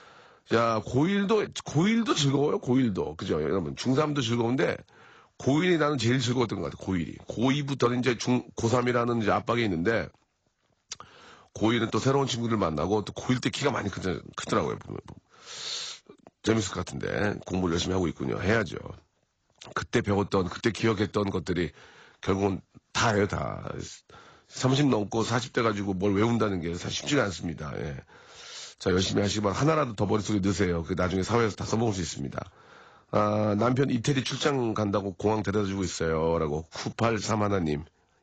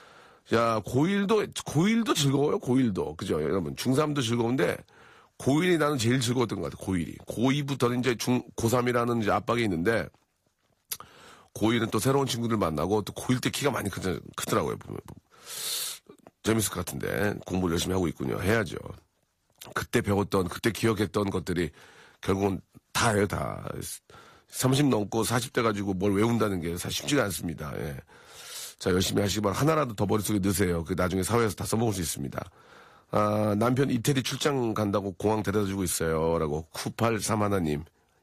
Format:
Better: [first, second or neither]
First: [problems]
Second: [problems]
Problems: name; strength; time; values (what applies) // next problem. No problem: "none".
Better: second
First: garbled, watery; badly; nothing above 7.5 kHz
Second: garbled, watery; slightly; nothing above 14.5 kHz